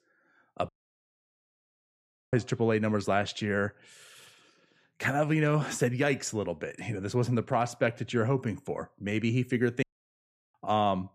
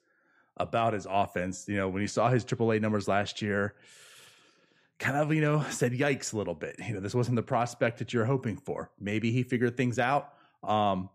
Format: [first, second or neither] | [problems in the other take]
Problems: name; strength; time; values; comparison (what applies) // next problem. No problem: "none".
second | audio cutting out; at 0.5 s for 1.5 s and at 10 s for 0.5 s